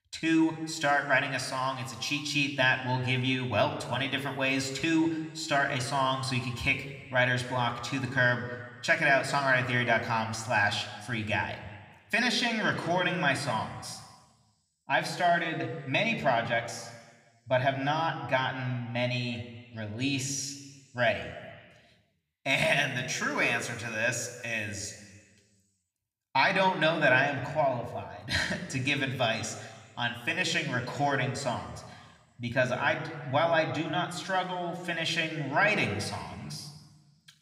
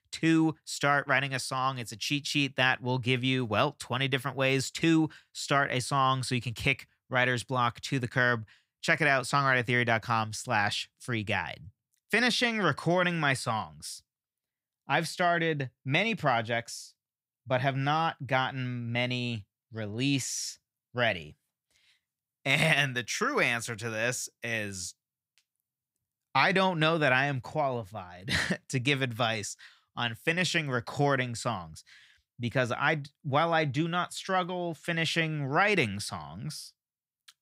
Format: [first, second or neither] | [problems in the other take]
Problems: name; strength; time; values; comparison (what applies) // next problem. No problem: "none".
second | room echo; slight; dies away in 1.3 s